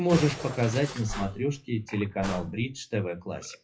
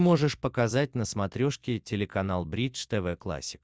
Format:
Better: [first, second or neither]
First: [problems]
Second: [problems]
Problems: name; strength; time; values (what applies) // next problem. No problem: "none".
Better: second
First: noise reduction (classical method WPE with log-MMSE)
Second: none